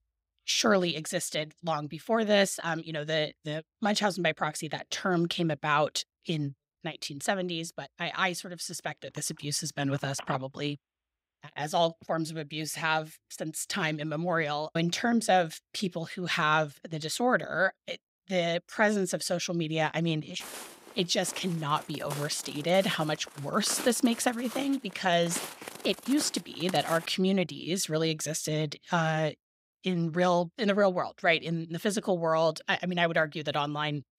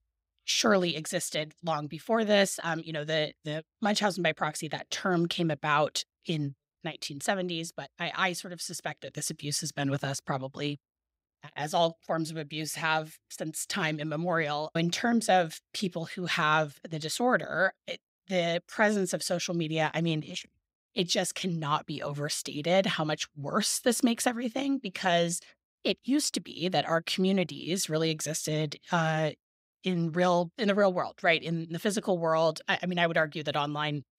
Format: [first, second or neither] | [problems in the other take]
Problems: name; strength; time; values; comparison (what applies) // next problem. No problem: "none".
second | phone ringing; faint; from 9 to 12 s; peak 10 dB below the speech // footsteps; noticeable; from 20 to 27 s; peak 8 dB below the speech